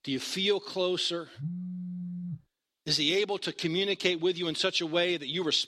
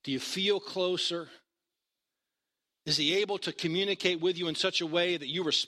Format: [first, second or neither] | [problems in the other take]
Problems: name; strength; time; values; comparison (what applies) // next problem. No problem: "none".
second | phone ringing; noticeable; at 1.5 s; peak 8 dB below the speech